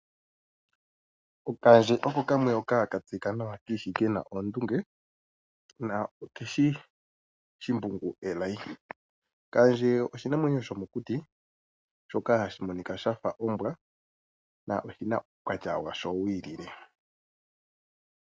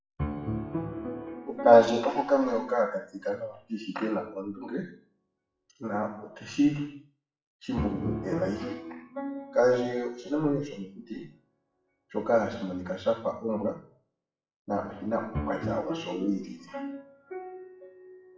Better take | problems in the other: first | noise reduction (classical method WPE with log-MMSE)

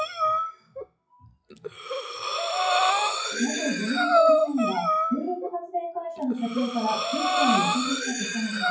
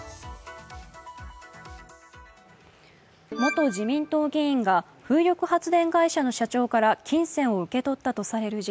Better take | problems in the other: second | noise reduction (classical method WPE with log-MMSE)

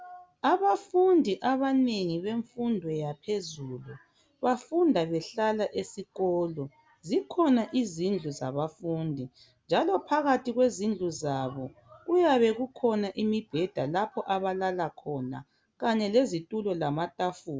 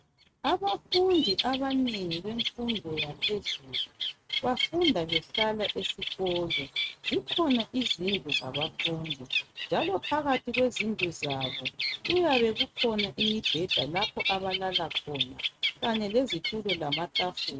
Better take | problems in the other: first | noise reduction (neural mask model RNNoise)

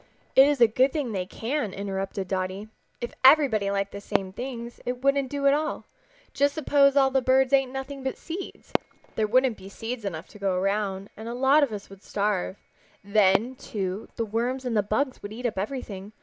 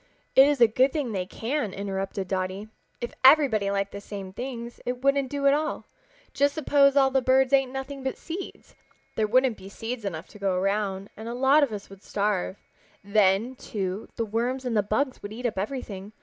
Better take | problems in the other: second | background sound (Fireworks); 15 dB below the speech

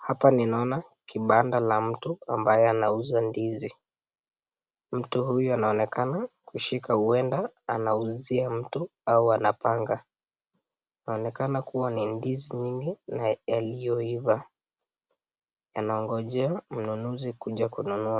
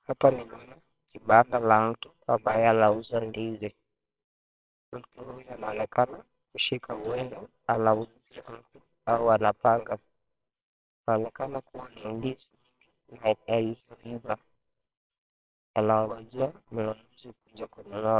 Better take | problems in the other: first | noise reduction (neural separator model SepFormer WHAMR!)

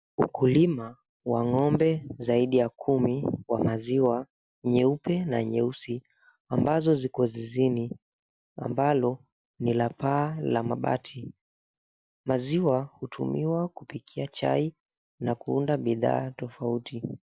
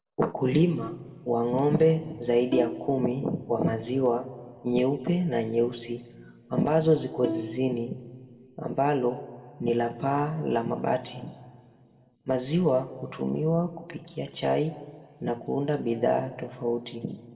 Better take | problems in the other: first | background sound (Bowed string instrument); 9 dB below the speech // room echo; dies away in 1.2 s

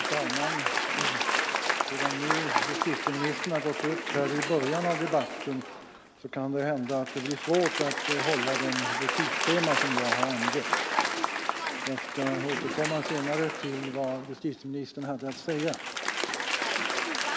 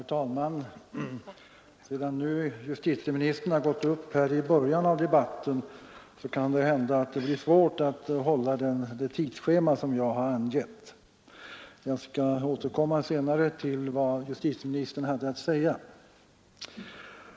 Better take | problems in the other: second | background sound (Applause / Crowd); 1 dB above the speech

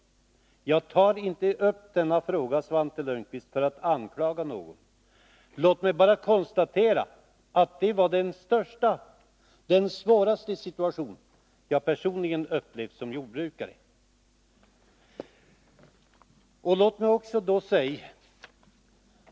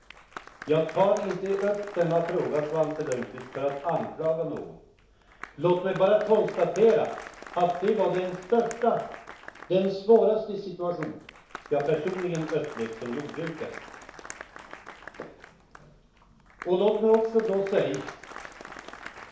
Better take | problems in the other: first | background sound (Applause); 17 dB below the speech // room echo; dies away in 0.6 s

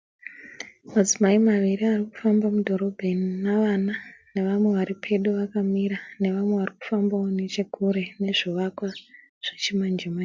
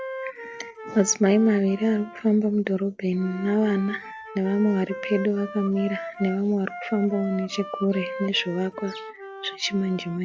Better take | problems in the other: first | background sound (Wind instrument, woodwind instrument); 13 dB below the speech

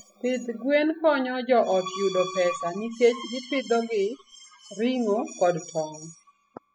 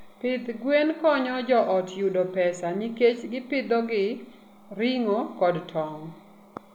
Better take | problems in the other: second | noise reduction (classical method spectral subtraction)

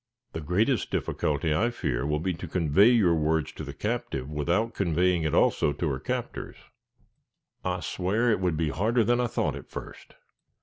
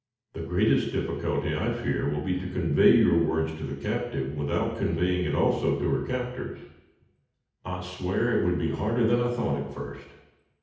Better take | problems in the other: first | room echo; dies away in 0.8 s

